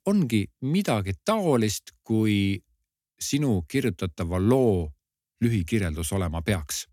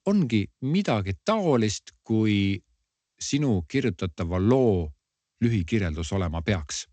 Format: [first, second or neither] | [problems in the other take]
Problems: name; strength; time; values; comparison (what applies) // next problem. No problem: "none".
first | garbled, watery; slightly; nothing above 7.5 kHz